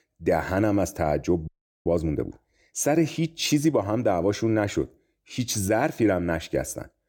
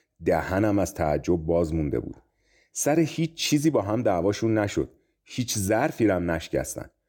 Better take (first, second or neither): second